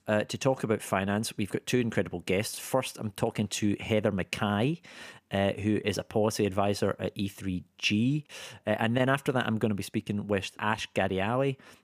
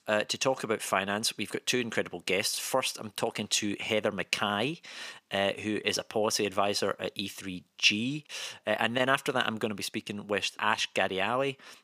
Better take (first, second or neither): first